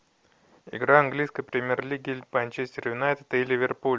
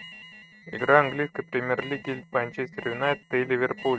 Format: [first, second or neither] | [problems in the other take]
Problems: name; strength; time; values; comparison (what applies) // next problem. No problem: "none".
first | noise reduction (neural mask model RNNoise)